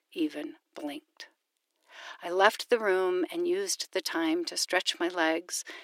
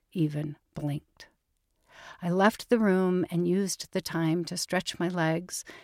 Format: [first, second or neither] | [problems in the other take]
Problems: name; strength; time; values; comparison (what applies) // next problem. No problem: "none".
second | thin; very; fading below 300 Hz